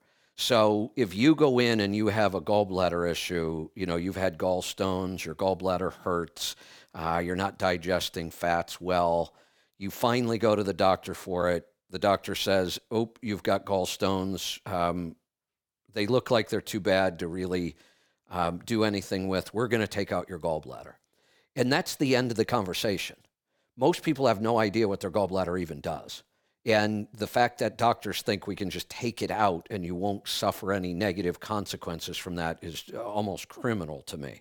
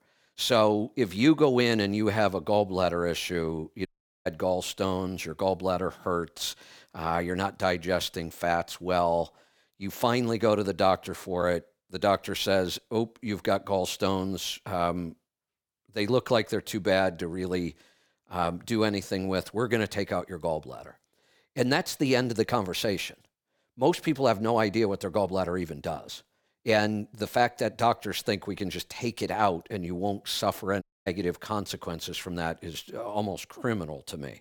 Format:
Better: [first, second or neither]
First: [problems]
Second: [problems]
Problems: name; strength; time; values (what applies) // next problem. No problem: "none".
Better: first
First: none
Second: audio cutting out; at 4 s and at 31 s